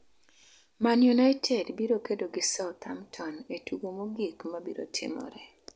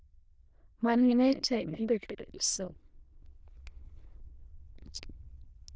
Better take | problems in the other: first | noise reduction (neural diffusion model UNIVERSE++)

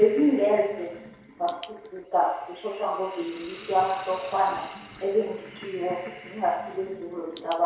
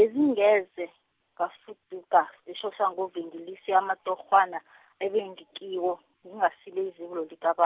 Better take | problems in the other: second | background sound (Hiss); 18 dB below the speech // room echo; dies away in 0.7 s

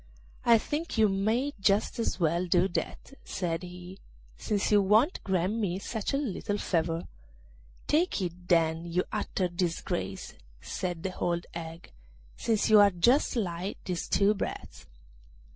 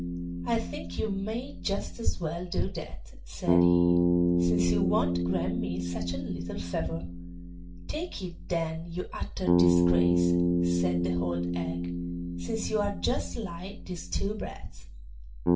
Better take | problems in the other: first | background sound (Bass guitar); 3 dB above the speech // room echo; dies away in 0.3 s

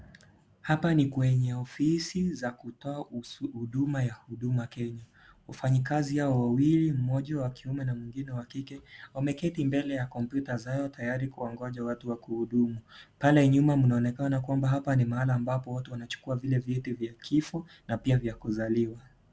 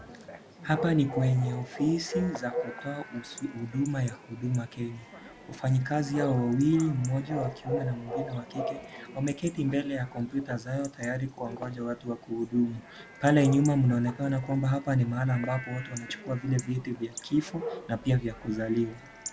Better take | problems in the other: first | background sound (Bark / Chatter / Chirp, tweet / Livestock, farm animals, working animals); 11 dB below the speech

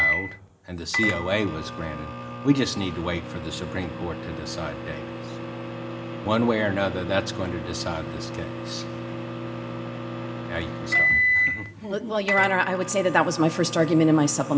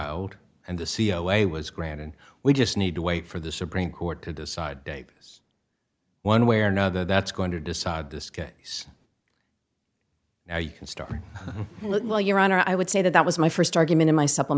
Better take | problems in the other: second | background sound (Microwave oven); 3 dB below the speech // room echo; dies away in 1.8 s

